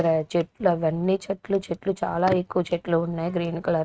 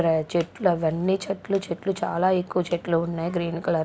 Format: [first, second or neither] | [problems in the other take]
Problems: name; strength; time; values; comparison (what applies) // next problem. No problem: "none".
second | noise reduction (neural mask model RNNoise)